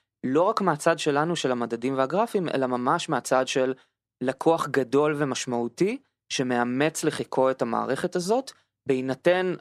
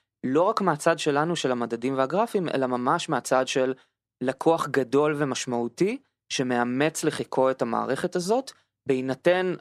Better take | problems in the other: neither | none

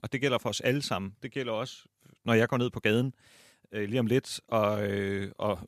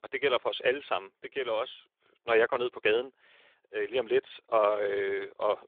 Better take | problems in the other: first | phone-call audio

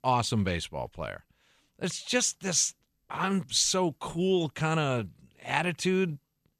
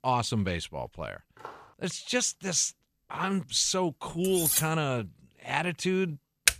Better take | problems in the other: first | footsteps; faint; at 1.5 s; peak 15 dB below the speech // clattering dishes; loud; at 4 s; peak 4 dB above the speech // keyboard typing; very faint; at 6.5 s; peak 4 dB above the speech

